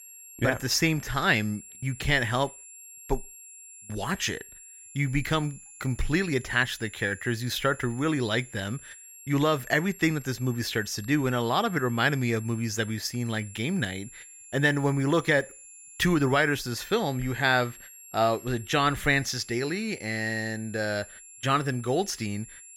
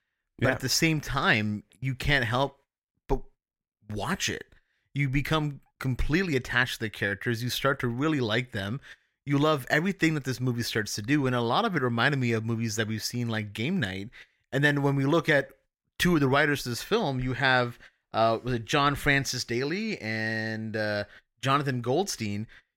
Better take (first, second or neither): second